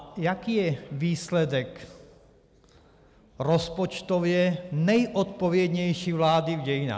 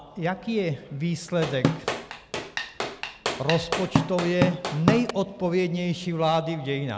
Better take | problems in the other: first | background sound (Drum / Drum kit); 1 dB below the speech

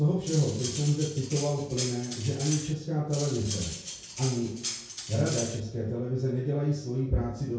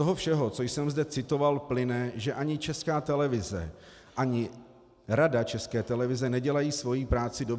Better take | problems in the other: second | background sound (Cutlery, silverware); 9 dB below the speech // room echo; dies away in 0.6 s

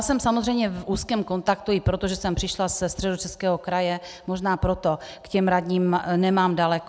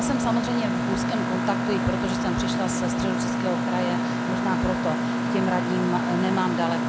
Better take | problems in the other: first | background sound (Mechanisms); 3 dB above the speech

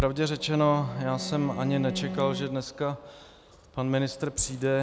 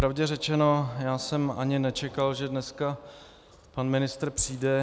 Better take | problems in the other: second | background sound (Bowed string instrument); 11 dB below the speech

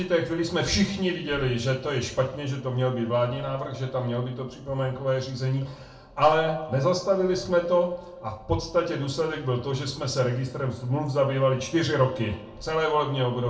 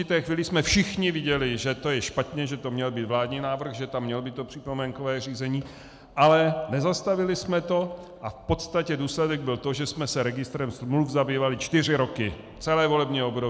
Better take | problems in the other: second | room echo; dies away in 0.3 s

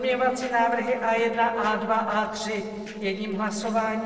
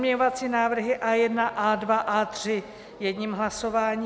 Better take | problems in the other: second | noise reduction (neural separator model SepFormer DNS4)

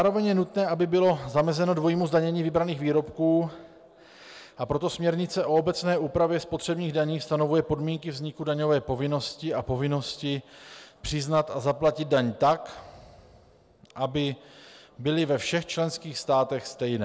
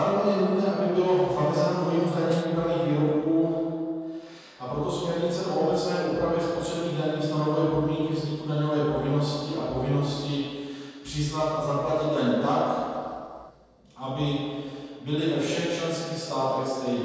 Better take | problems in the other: first | noise reduction (neural separator model SepFormer DNS4)

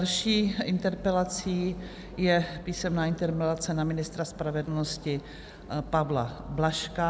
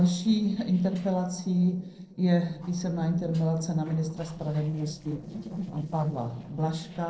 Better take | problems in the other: first | noise reduction (neural separator model SepFormer DNS4)

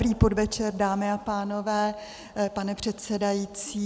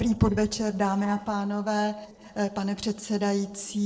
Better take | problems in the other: first | noise reduction (neural separator model SepFormer DNS4)

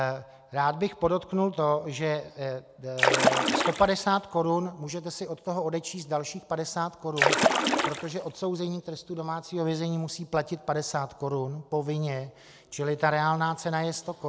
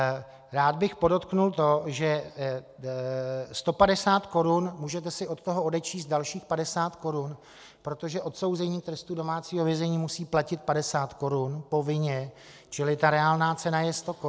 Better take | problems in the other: second | background sound (Splash, splatter); 4 dB above the speech

